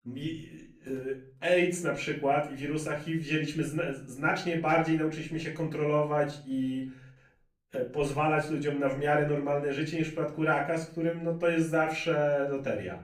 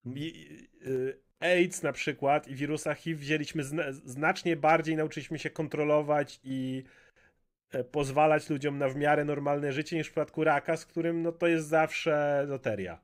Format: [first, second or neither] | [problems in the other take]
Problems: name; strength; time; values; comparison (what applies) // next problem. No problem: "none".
second | off-mic speech; far // room echo; slight; dies away in 0.4 s